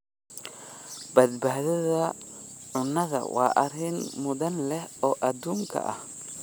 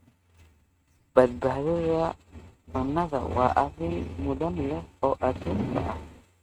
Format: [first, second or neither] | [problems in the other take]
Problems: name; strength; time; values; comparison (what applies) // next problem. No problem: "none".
first | noise reduction (neural mask model RNNoise)